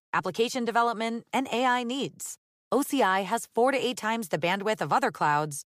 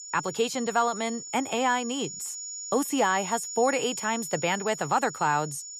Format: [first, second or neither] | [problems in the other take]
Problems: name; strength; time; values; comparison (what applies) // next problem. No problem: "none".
first | high-pitched whine; loud; throughout; 7 kHz, 8 dB below the speech